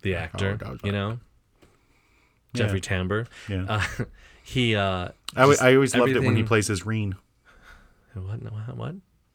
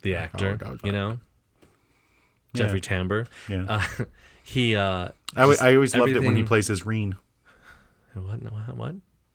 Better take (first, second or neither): first